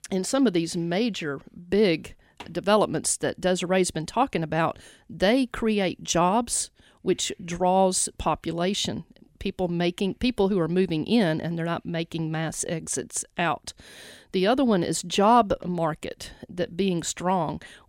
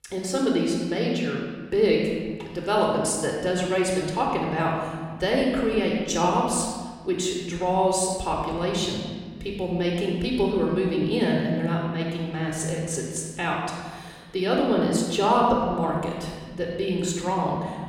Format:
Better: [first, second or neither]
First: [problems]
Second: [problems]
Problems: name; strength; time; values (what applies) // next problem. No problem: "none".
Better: first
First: none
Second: room echo; noticeable; dies away in 1.5 s // off-mic speech; somewhat distant